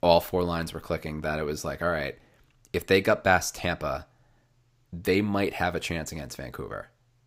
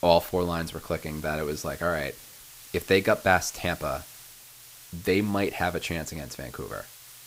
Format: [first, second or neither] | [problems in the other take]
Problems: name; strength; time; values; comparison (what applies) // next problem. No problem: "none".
first | hiss; noticeable; throughout; 15 dB below the speech